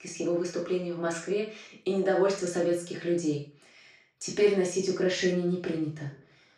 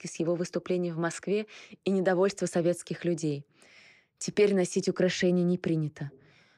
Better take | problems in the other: second | room echo; noticeable; dies away in 0.3 s // off-mic speech; far

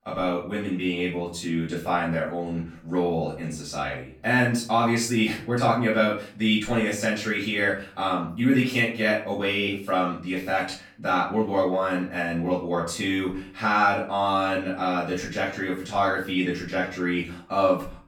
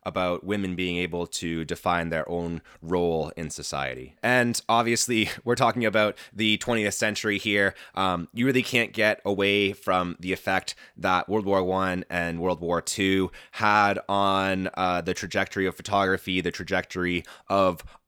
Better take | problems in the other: second | off-mic speech; far // room echo; noticeable; dies away in 0.4 s

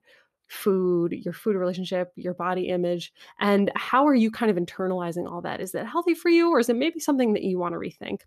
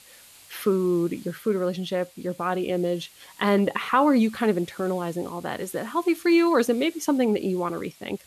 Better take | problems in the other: first | hiss; faint; throughout; 25 dB below the speech

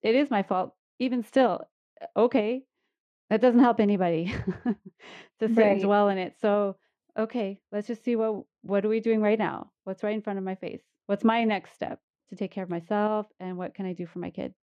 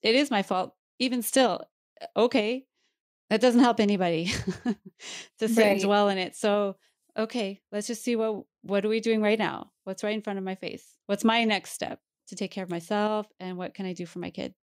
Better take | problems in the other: second | muffled; very; fading above 4 kHz

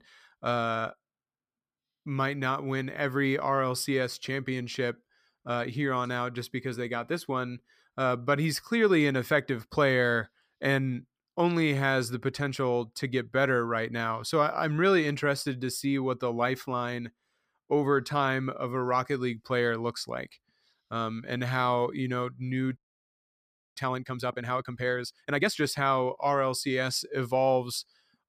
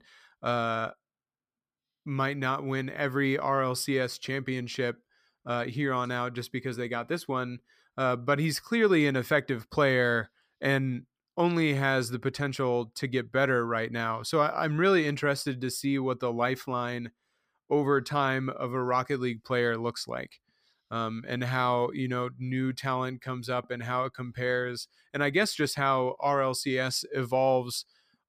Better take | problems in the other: second | audio freezing; at 23 s for 1 s

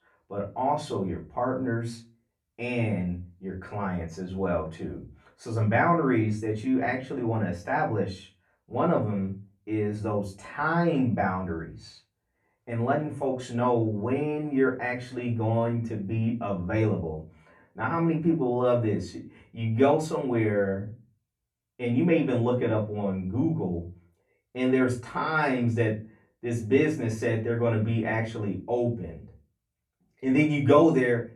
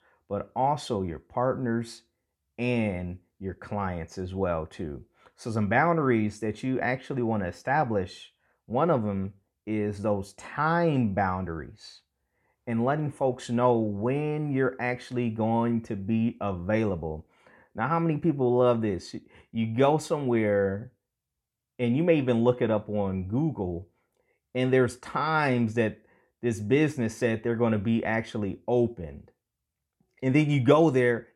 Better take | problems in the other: second | off-mic speech; far // room echo; very slight; dies away in 0.2 s

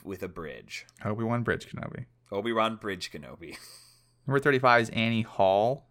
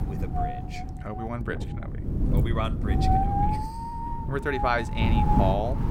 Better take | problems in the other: first | wind noise on the microphone; heavy; as loud as the speech

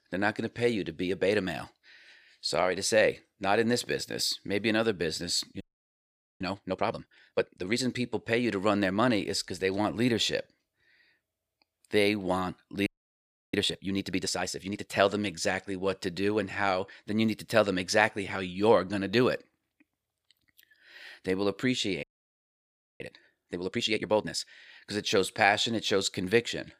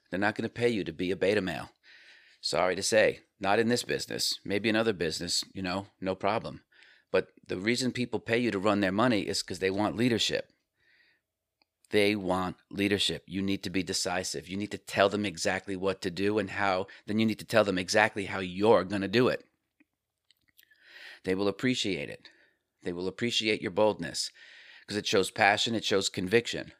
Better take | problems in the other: second | audio freezing; at 5.5 s for 1 s, at 13 s for 0.5 s and at 22 s for 1 s

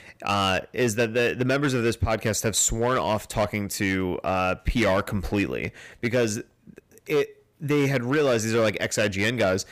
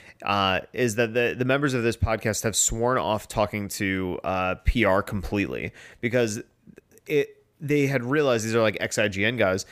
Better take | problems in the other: second | distortion; slight; 7% of the sound clipped

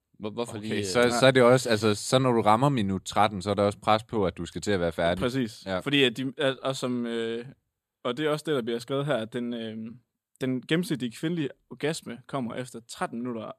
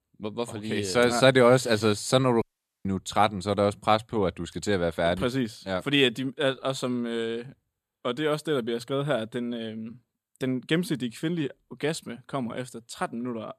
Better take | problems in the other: first | audio cutting out; at 2.5 s

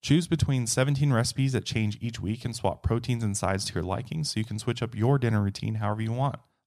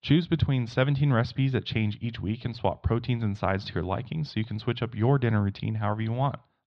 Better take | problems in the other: first | muffled; slightly; fading above 4 kHz

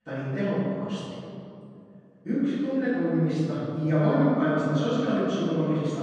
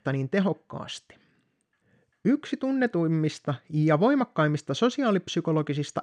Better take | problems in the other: second | off-mic speech; far // room echo; strong; dies away in 2.5 s

